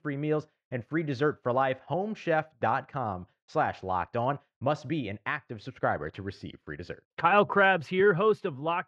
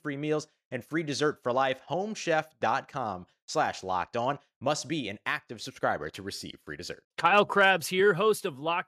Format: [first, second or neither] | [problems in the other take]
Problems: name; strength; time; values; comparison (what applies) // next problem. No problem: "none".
second | muffled; slightly; fading above 2 kHz